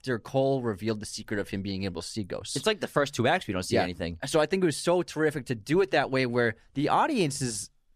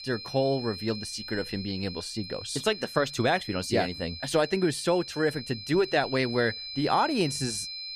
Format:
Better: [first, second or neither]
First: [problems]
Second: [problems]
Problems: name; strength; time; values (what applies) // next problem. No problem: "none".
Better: first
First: none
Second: high-pitched whine; loud; throughout; 4 kHz, 9 dB below the speech